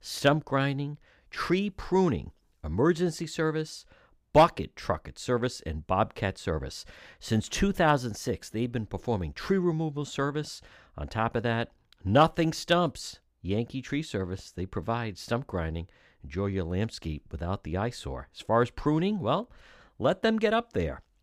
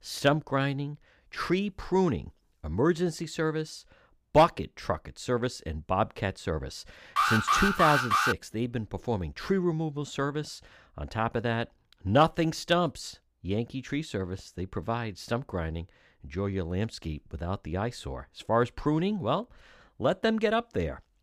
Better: first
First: none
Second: alarm; loud; from 7 to 8.5 s; peak 5 dB above the speech

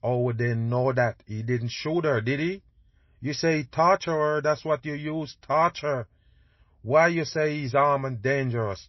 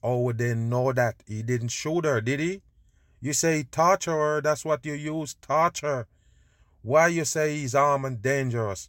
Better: second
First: garbled, watery; slightly; nothing above 5.5 kHz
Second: none

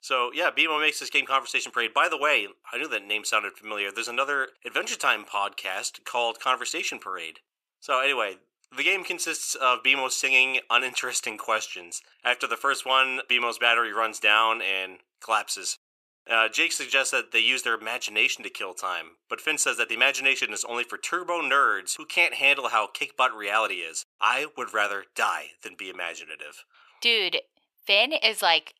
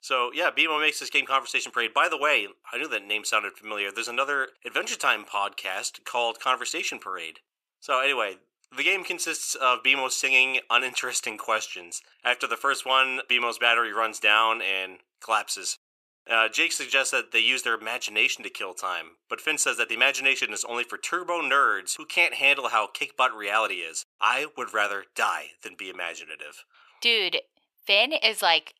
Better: neither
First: thin; very; fading below 850 Hz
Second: thin; very; fading below 850 Hz

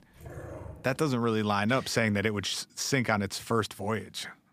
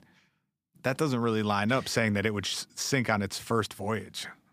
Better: second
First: dog barking; faint; until 1 s; peak 15 dB below the speech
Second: none

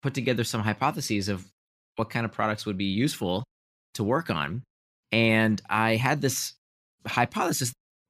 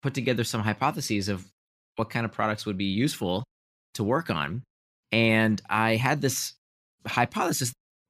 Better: neither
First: none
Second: none

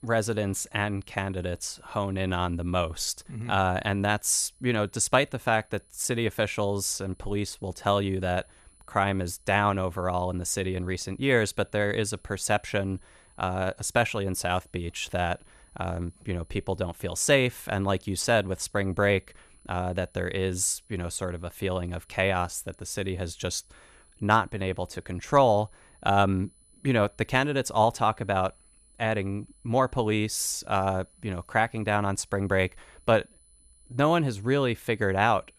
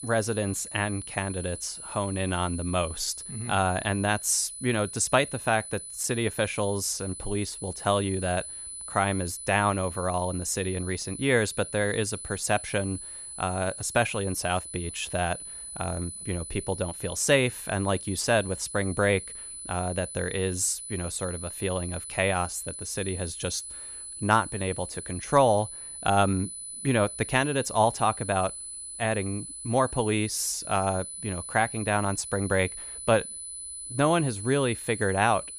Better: first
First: high-pitched whine; faint; throughout; 10 kHz, 30 dB below the speech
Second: high-pitched whine; loud; throughout; 10 kHz, 9 dB below the speech

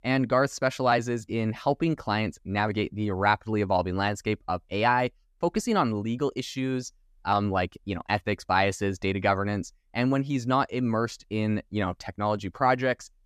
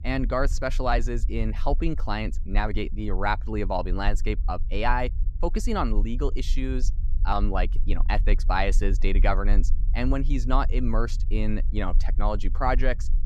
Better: first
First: none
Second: low rumble; faint; throughout; 20 dB below the speech

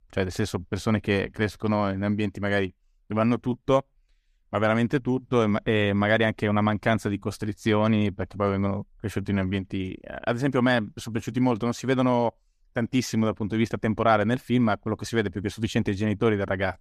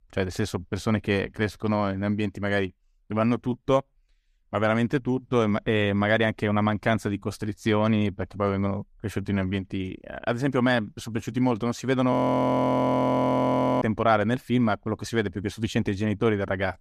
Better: first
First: none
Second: audio freezing; at 12 s for 1.5 s

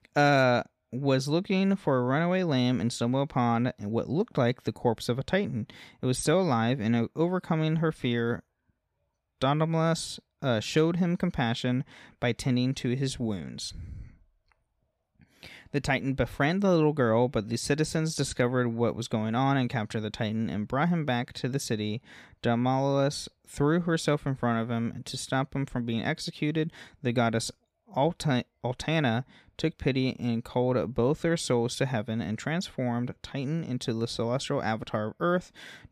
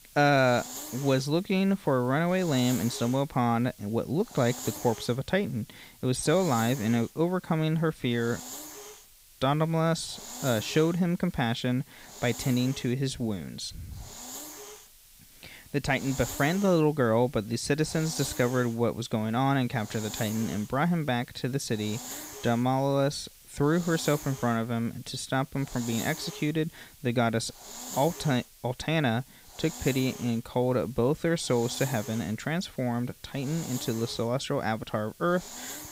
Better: first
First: none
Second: hiss; noticeable; throughout; 15 dB below the speech

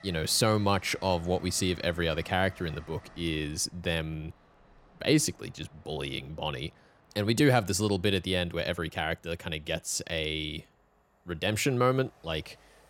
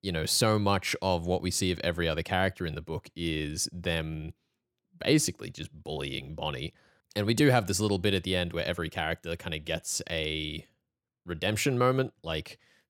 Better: second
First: train or aircraft noise; faint; throughout; 25 dB below the speech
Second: none

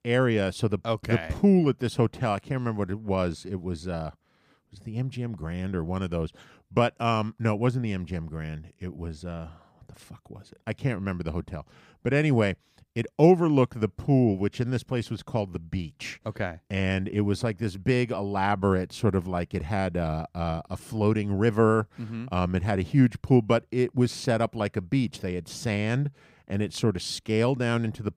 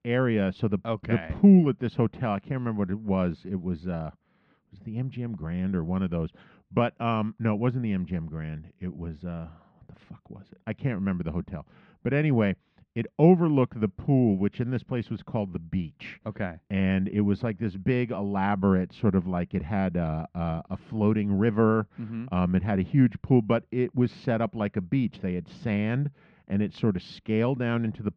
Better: first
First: none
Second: muffled; slightly; fading above 3 kHz

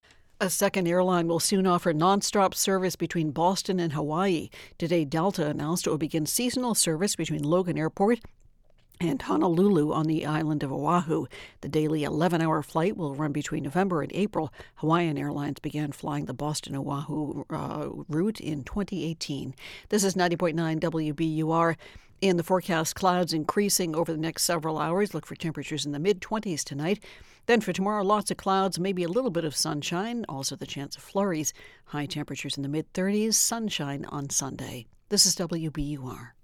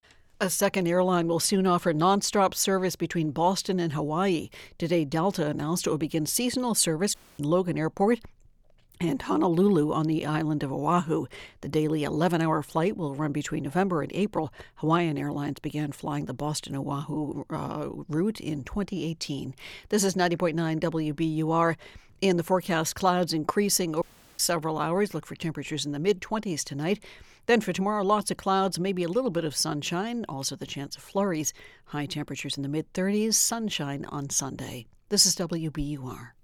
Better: first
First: none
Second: audio cutting out; at 7 s and at 24 s

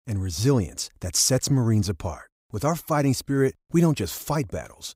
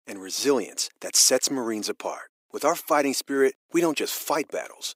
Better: first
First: none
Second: thin; somewhat; fading below 300 Hz

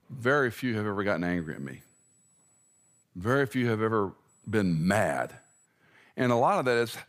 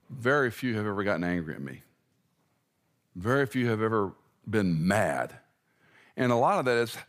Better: second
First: high-pitched whine; faint; from 1.5 to 3 s and from 4.5 to 5.5 s; 8 kHz, 35 dB below the speech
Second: none

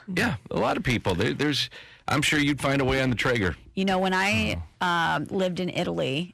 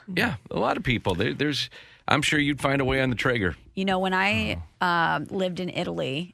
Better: second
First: distortion; slight; 7% of the sound clipped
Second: none

